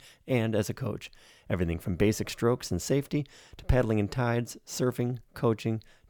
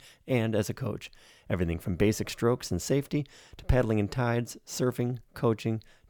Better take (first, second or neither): neither